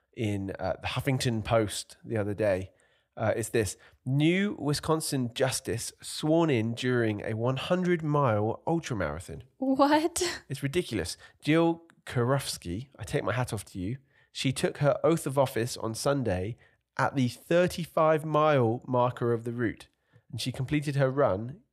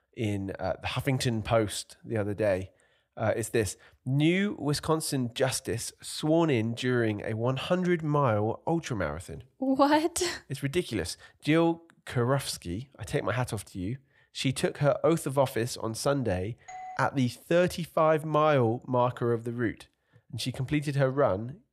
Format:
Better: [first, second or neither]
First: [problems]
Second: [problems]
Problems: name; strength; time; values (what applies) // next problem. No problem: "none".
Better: first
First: none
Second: doorbell; faint; at 17 s; peak 15 dB below the speech